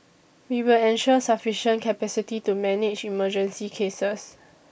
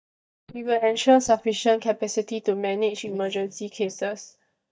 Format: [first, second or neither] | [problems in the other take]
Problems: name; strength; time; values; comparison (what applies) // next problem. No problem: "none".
first | noise reduction (neural mask model DeepFilterNet 3)